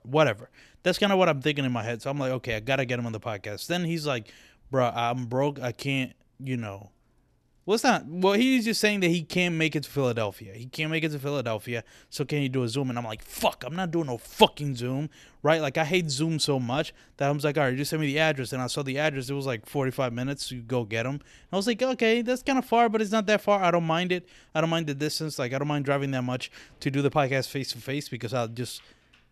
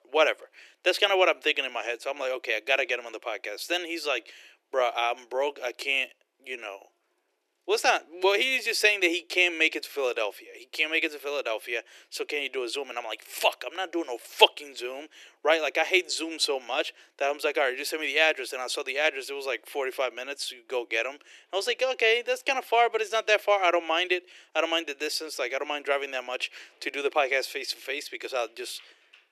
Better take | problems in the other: first | thin; very; fading below 350 Hz

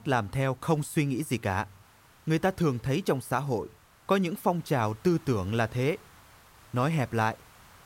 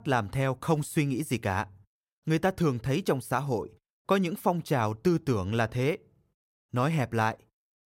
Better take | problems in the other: second | hiss; faint; throughout; 25 dB below the speech

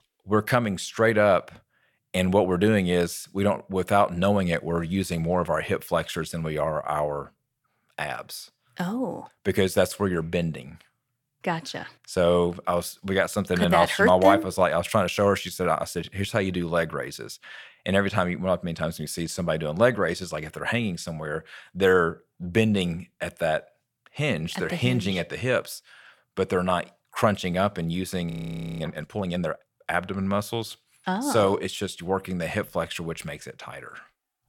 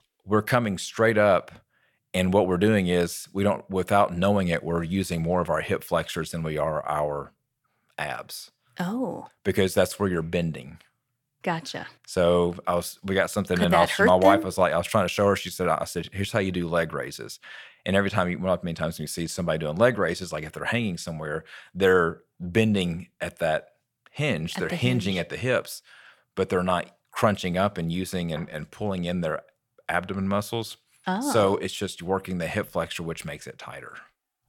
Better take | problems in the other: second | audio freezing; at 28 s for 0.5 s

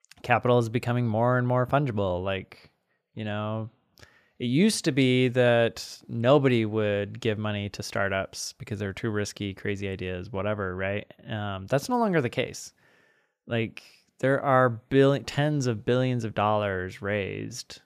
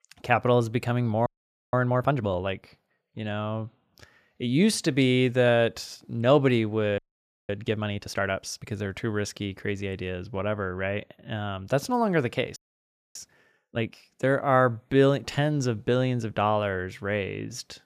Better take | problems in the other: first | audio freezing; at 1.5 s, at 7 s for 0.5 s and at 13 s for 0.5 s

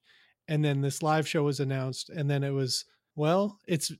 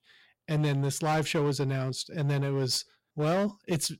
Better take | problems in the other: first | distortion; slight; 10% of the sound clipped

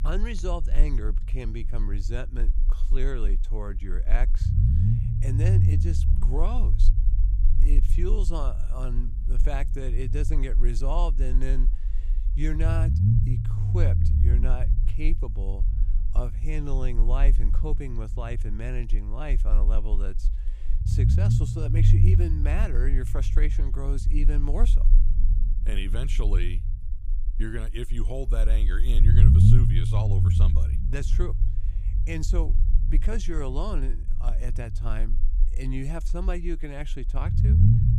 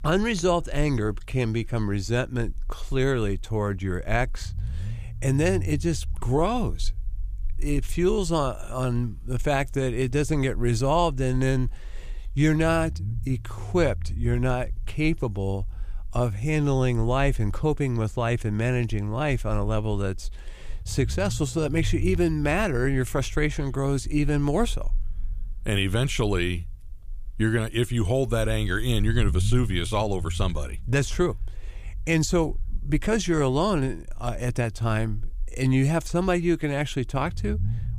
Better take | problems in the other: second | low rumble; loud; throughout; 1 dB below the speech; faint in the second

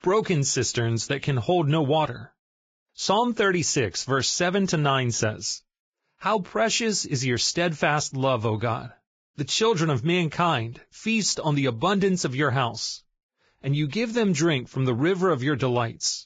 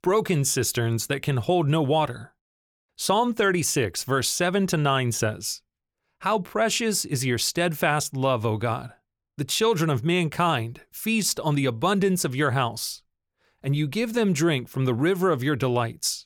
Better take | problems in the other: second | garbled, watery; badly; nothing above 7.5 kHz

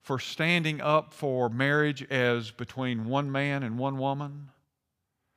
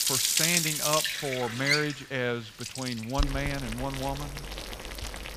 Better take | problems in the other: first | household noises; very loud; throughout; 2 dB above the speech

